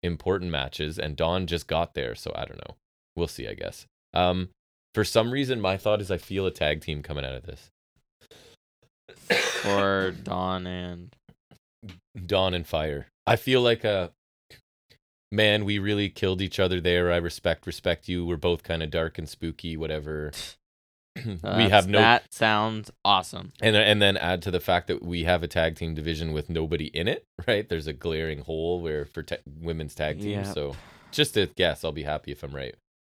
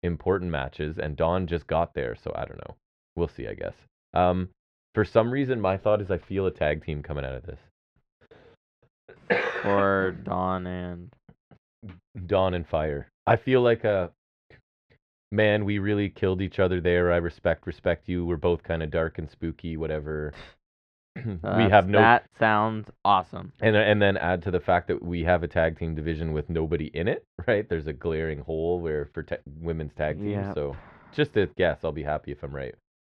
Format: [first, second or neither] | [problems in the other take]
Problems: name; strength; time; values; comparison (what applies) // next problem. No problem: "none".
first | muffled; very; fading above 1.5 kHz